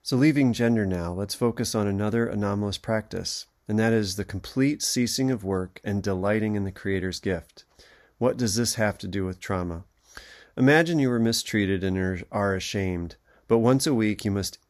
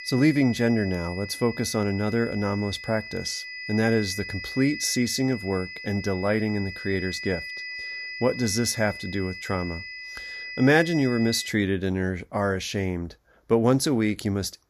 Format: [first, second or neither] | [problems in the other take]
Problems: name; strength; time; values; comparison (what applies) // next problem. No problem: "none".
first | high-pitched whine; loud; until 12 s; 2 kHz, 10 dB below the speech